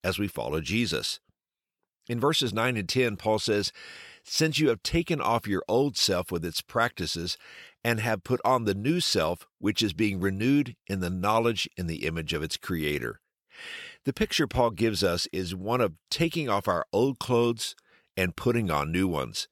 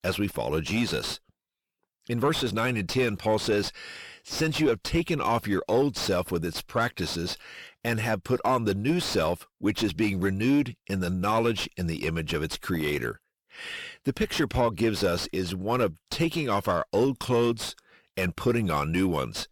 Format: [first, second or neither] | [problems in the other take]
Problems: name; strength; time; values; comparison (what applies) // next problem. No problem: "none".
first | distortion; slight; 9 dB below the speech